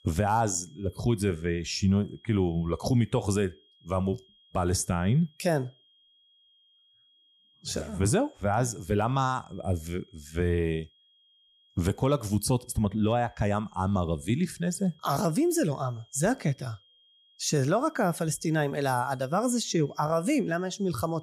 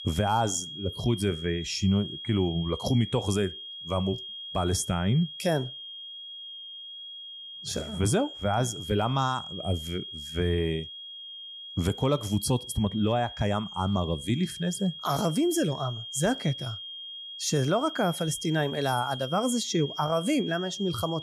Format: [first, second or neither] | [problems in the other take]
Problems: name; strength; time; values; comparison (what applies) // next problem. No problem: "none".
first | high-pitched whine; loud; throughout; 3.5 kHz, 10 dB below the speech; faint in the first